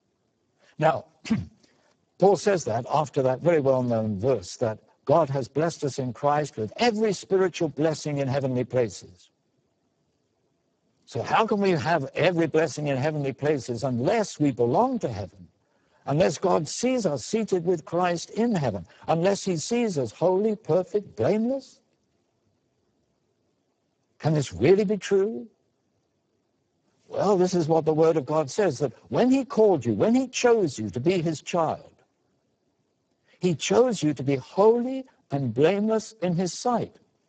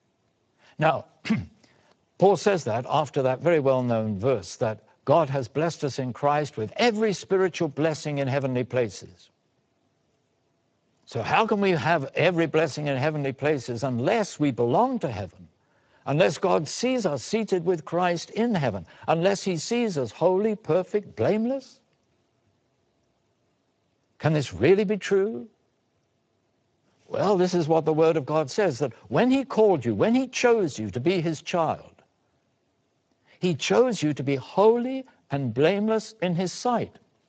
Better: second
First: garbled, watery; badly; nothing above 7.5 kHz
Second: garbled, watery; slightly; nothing above 7.5 kHz

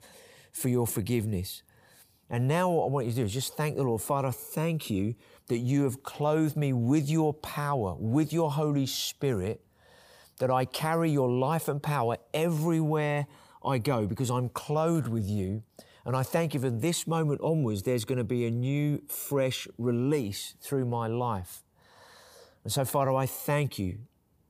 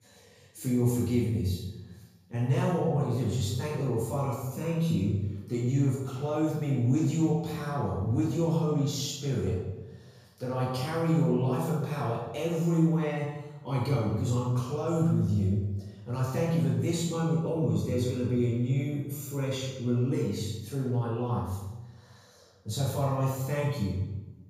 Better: first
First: none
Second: room echo; noticeable; dies away in 0.9 s // off-mic speech; far

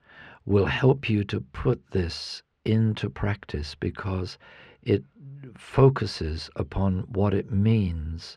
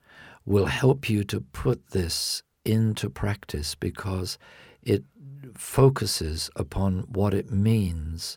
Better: second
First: muffled; very slightly; fading above 3 kHz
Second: none

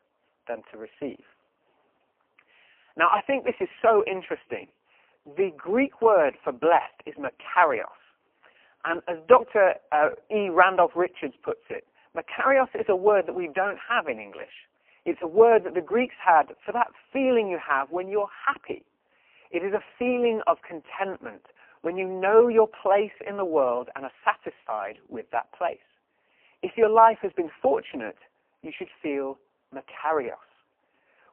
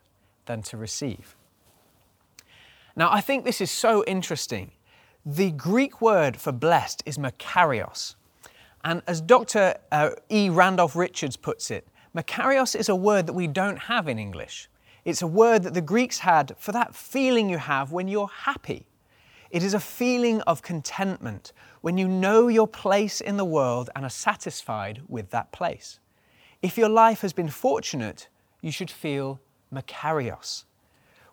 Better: second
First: phone-call audio; poor line; nothing above 3 kHz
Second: none

